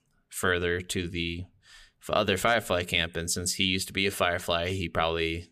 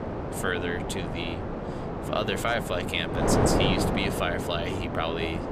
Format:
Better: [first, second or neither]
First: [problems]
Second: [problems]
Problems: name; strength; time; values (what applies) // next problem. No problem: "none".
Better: first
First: none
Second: wind noise on the microphone; heavy; 2 dB below the speech